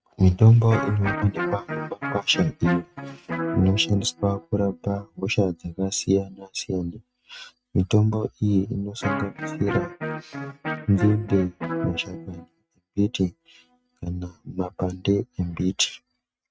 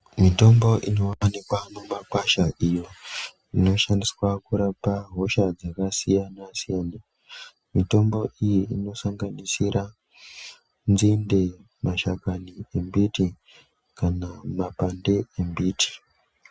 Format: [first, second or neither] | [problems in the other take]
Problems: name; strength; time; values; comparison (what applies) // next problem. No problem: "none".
second | noise reduction (neural mask model RNNoise)